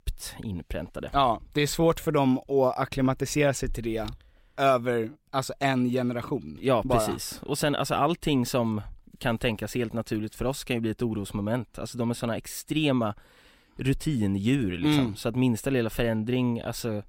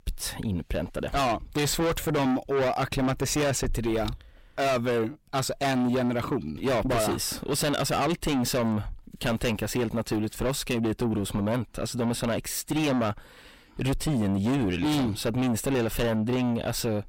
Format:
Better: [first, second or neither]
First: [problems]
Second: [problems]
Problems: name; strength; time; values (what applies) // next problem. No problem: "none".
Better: first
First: none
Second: distortion; heavy; 6 dB below the speech